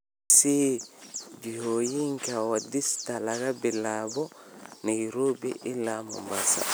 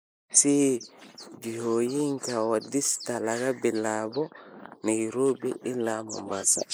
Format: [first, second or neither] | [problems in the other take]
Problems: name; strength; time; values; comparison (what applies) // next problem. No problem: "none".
first | noise reduction (neural mask model Resemble Enhance denoiser)